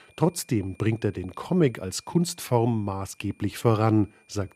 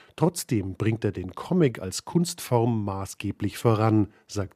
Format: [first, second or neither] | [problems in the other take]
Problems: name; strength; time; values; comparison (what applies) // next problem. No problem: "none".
second | high-pitched whine; faint; throughout; 2.5 kHz, 30 dB below the speech